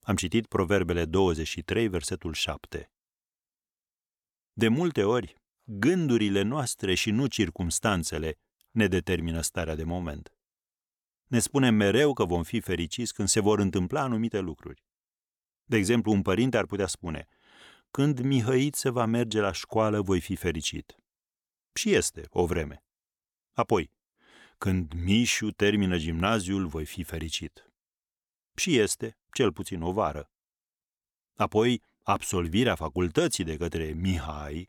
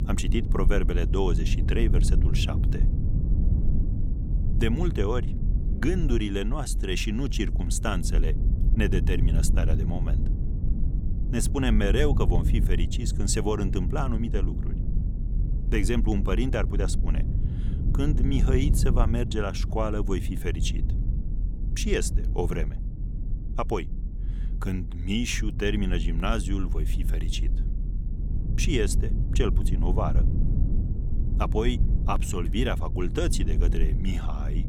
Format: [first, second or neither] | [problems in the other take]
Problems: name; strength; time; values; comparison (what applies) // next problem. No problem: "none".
first | low rumble; noticeable; throughout; 10 dB below the speech